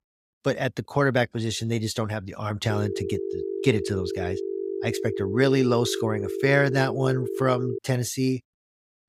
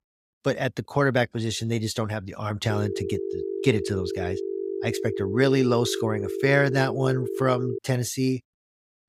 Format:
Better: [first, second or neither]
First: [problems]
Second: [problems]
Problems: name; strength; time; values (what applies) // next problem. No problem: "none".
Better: neither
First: phone ringing; noticeable; from 2.5 to 8 s; peak 5 dB below the speech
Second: phone ringing; noticeable; from 2.5 to 8 s; peak 5 dB below the speech